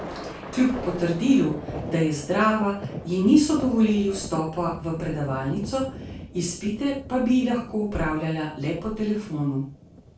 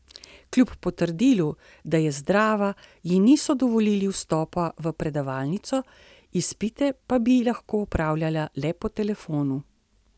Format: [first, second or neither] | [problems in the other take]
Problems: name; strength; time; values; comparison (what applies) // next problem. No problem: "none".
second | background sound (Thunder); 13 dB below the speech // room echo; dies away in 0.3 s